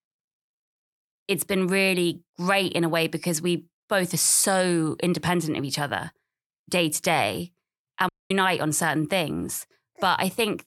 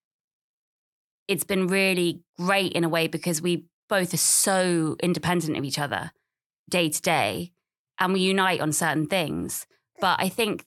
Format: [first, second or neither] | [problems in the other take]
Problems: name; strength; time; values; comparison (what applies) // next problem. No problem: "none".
second | audio cutting out; at 8 s